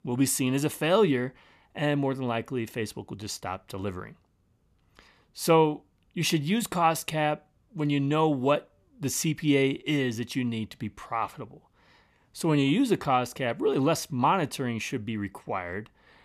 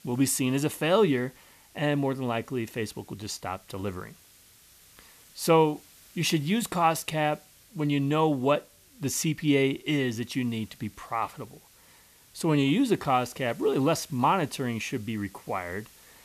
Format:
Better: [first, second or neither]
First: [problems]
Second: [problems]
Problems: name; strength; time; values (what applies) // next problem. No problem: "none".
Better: first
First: none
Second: hiss; faint; throughout; 25 dB below the speech